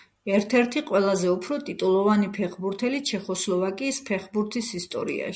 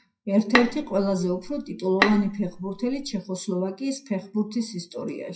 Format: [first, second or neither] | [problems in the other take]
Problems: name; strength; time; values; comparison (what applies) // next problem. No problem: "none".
first | noise reduction (classical method WPE with log-MMSE)